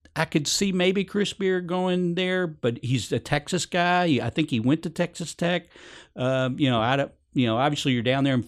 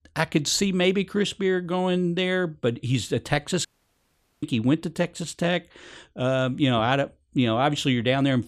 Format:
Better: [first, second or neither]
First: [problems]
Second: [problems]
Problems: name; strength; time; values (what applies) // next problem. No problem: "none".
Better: first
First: none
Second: audio cutting out; at 3.5 s for 1 s